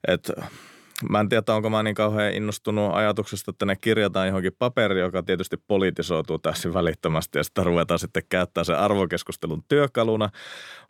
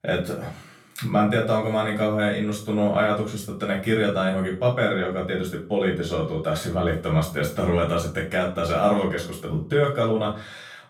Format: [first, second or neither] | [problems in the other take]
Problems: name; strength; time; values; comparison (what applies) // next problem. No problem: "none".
first | room echo; slight; dies away in 0.3 s // off-mic speech; far